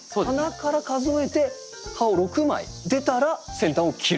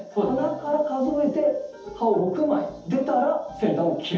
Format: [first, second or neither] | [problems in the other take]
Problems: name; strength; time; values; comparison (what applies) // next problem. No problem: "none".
first | room echo; dies away in 0.6 s